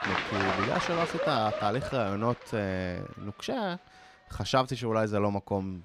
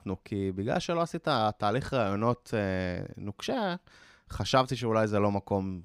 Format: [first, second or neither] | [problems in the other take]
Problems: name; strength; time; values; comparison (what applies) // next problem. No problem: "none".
second | crowd noise; loud; throughout; 2 dB below the speech